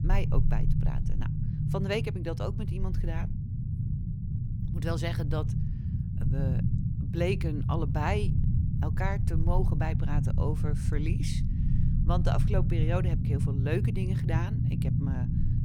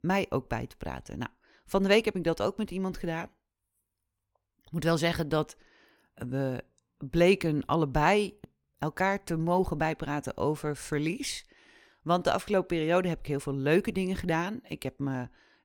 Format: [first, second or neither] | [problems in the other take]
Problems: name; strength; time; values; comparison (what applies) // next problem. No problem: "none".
second | low rumble; loud; throughout; 5 dB below the speech